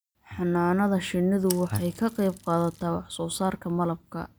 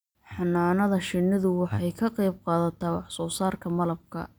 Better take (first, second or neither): second